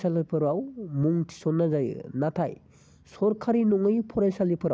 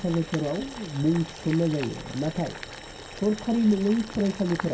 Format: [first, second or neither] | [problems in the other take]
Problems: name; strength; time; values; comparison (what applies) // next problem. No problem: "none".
first | background sound (Boiling); 13 dB below the speech // room echo; dies away in 0.2 s